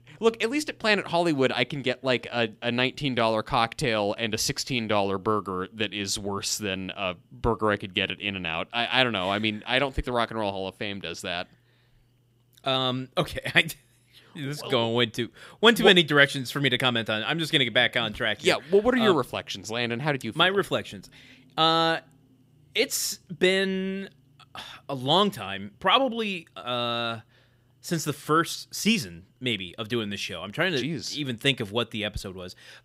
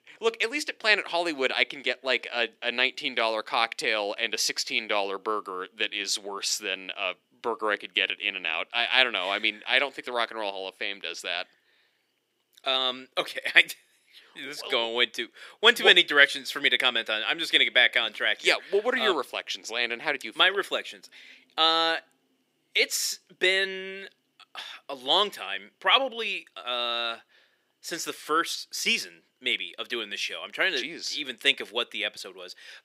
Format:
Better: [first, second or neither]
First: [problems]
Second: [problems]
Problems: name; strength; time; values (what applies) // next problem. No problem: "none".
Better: first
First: none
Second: thin; somewhat; fading below 350 Hz